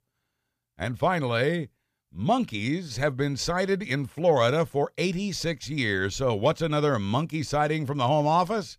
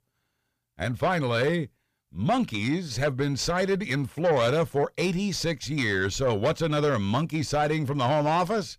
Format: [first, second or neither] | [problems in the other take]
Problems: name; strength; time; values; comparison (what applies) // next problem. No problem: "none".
first | distortion; slight; 10 dB below the speech